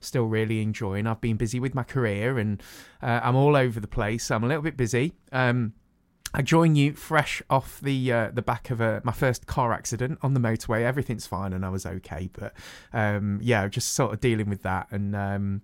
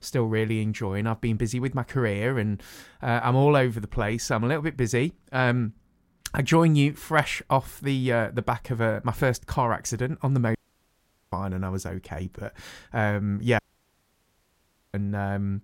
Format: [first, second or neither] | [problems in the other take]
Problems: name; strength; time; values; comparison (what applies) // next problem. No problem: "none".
first | audio cutting out; at 11 s for 1 s and at 14 s for 1.5 s